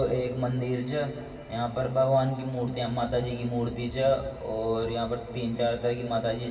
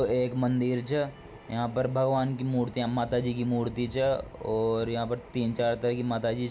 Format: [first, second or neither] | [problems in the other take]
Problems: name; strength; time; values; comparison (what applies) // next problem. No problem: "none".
second | room echo; dies away in 2.3 s